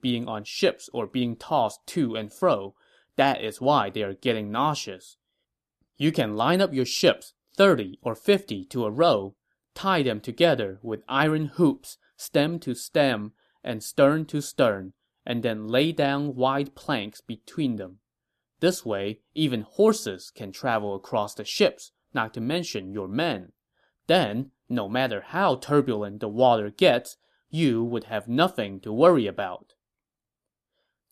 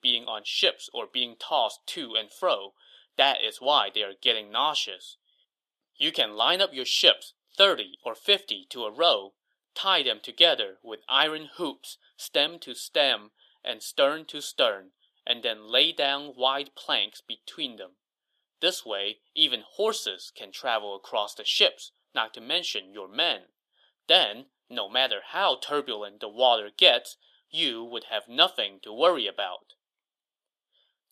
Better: first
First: none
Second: thin; somewhat; fading below 600 Hz

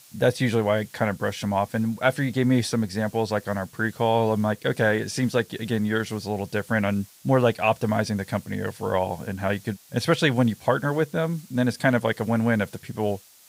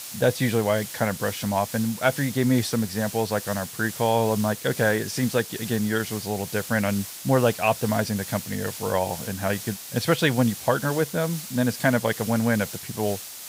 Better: first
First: hiss; faint; throughout; 25 dB below the speech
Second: hiss; loud; throughout; 10 dB below the speech

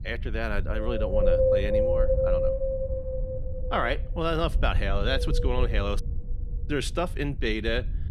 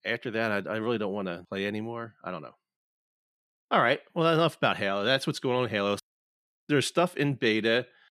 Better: second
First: wind noise on the microphone; heavy; 2 dB above the speech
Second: none

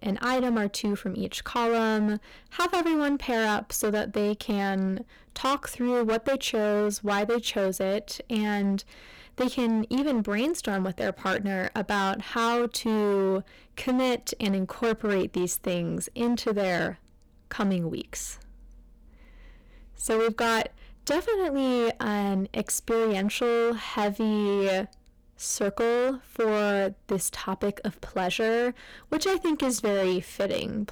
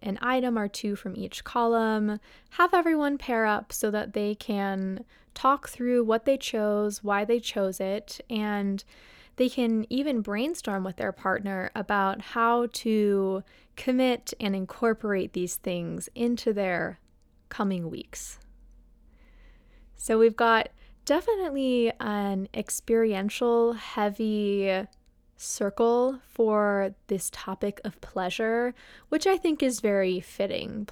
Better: second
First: distortion; heavy; 18% of the sound clipped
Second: none

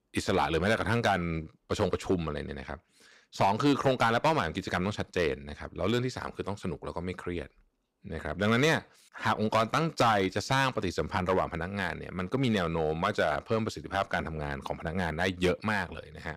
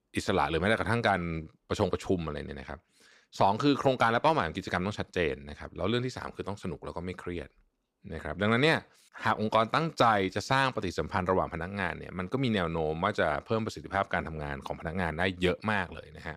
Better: second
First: distortion; slight; 3% of the sound clipped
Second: none

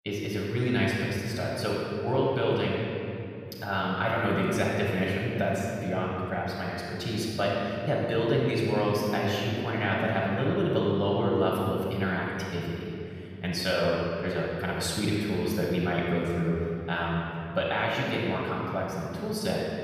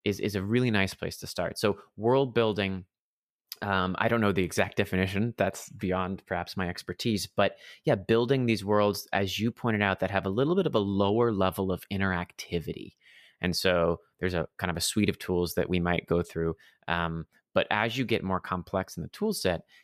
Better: second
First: off-mic speech; far // room echo; strong; dies away in 2.7 s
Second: none

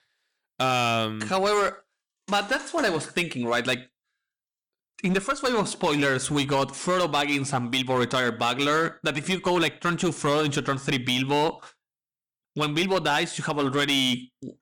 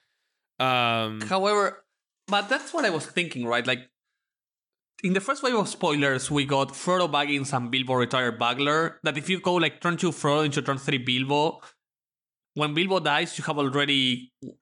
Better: second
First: distortion; slight; 7% of the sound clipped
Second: none

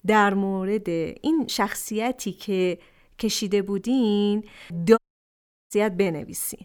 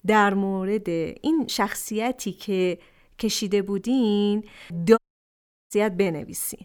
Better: neither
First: audio cutting out; at 5 s for 0.5 s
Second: audio cutting out; at 5 s for 0.5 s

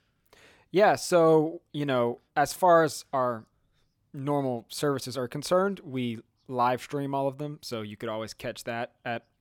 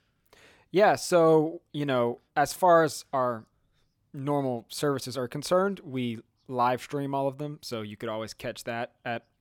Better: neither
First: none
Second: none

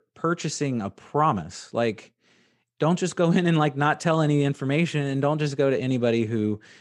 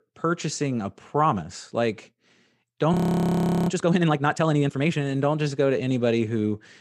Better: first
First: none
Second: audio freezing; at 3 s for 0.5 s

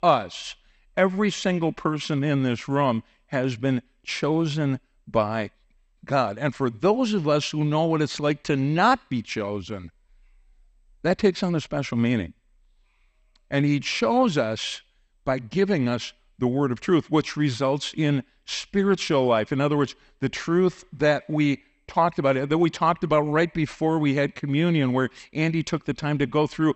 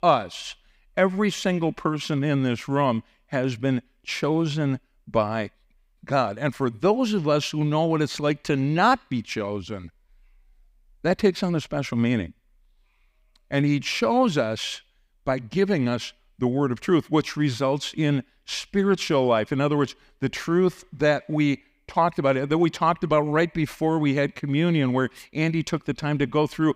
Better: second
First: garbled, watery; slightly; nothing above 8 kHz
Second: none

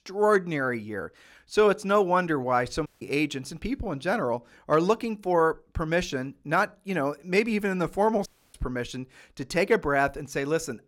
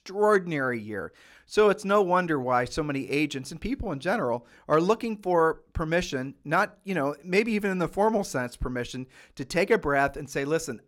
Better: second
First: audio cutting out; at 3 s and at 8.5 s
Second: none

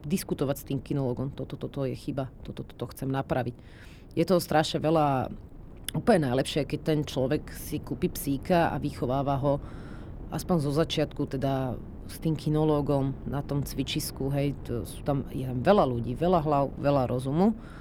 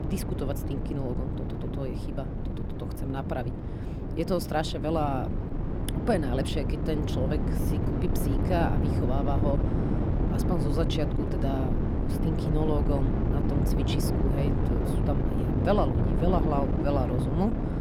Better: first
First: wind noise on the microphone; occasional gusts; 20 dB below the speech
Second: wind noise on the microphone; heavy; 3 dB below the speech

